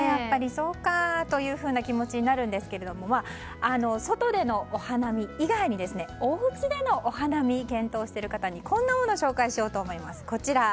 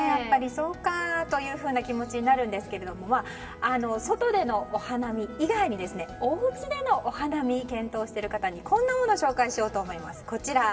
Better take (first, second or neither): first